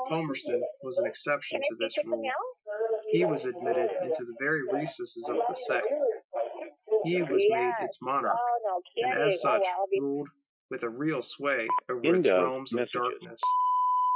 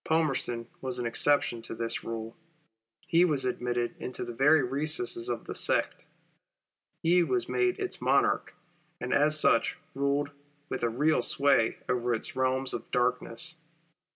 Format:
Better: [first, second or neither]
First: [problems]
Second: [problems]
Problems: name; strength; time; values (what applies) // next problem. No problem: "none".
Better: second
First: noise reduction (classical method Wiener filter)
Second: none